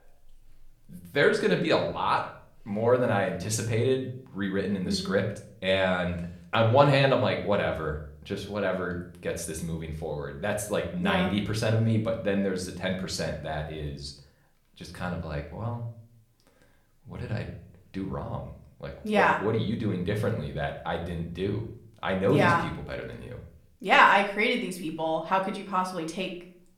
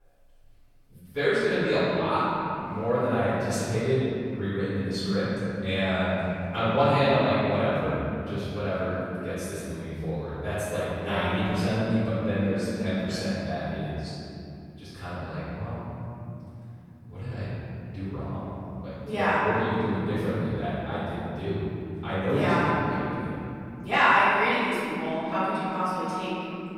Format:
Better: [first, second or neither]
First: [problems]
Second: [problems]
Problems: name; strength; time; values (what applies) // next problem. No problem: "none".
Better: first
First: room echo; slight; dies away in 0.5 s // off-mic speech; somewhat distant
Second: room echo; strong; dies away in 3 s // off-mic speech; far